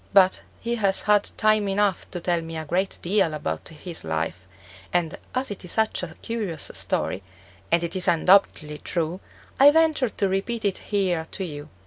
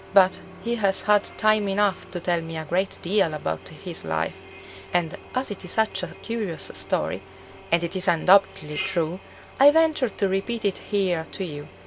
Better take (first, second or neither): first